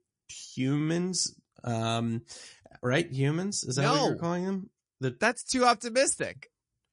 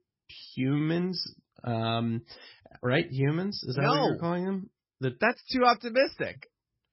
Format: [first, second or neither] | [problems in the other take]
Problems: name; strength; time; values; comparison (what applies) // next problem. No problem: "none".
first | garbled, watery; badly; nothing above 5.5 kHz; slightly in the first